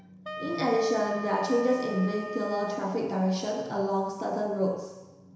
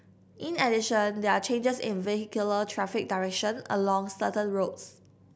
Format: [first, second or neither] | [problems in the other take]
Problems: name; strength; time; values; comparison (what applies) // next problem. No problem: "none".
second | background sound (Wind instrument, woodwind instrument); 13 dB below the speech // room echo; dies away in 1 s